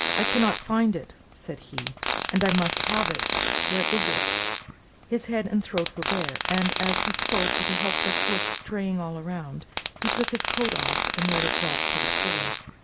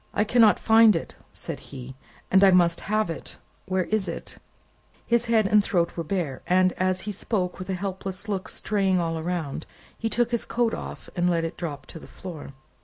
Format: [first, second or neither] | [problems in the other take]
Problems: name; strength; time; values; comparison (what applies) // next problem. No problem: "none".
second | background sound (Fart); 1 dB above the speech